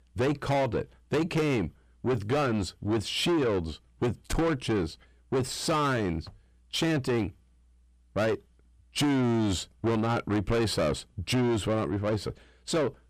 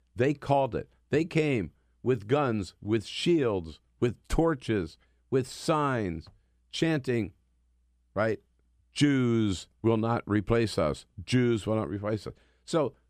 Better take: second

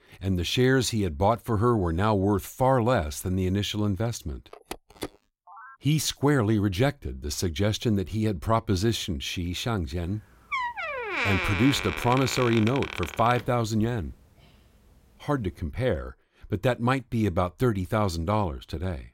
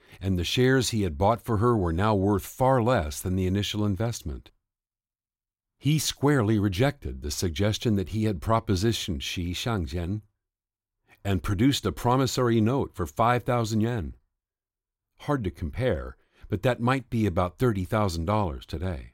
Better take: second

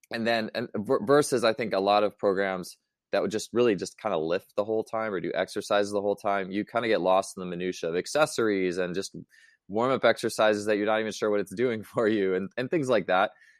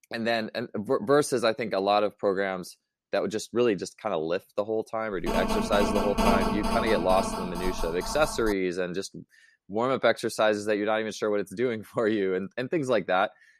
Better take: first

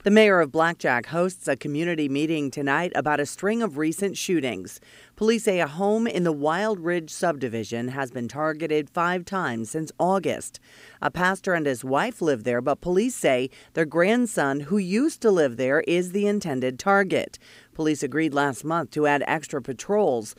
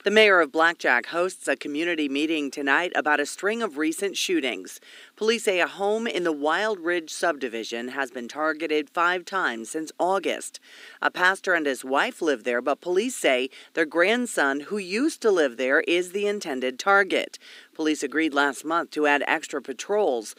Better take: first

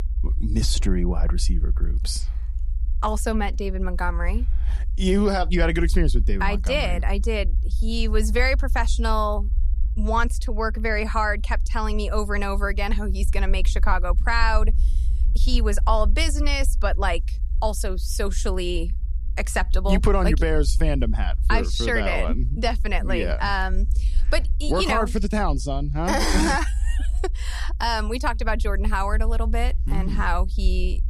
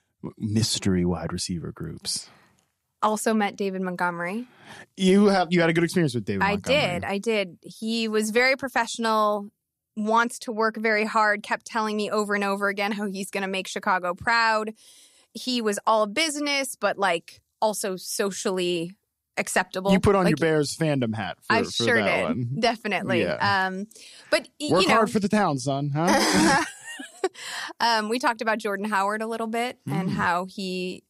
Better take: second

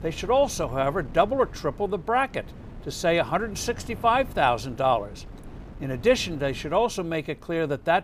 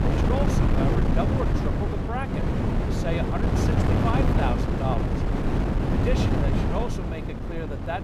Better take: first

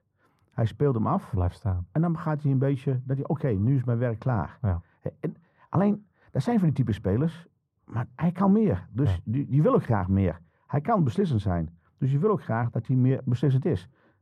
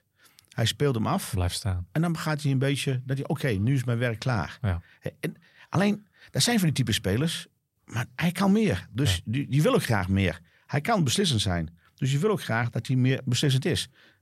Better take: second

